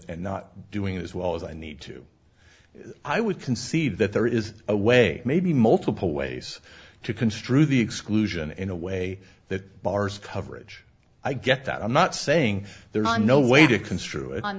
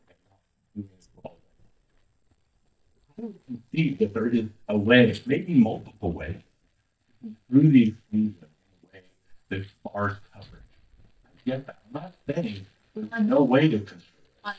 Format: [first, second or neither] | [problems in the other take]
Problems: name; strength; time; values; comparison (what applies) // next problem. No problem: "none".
first | noise reduction (neural mask model DeepFilterNet 3)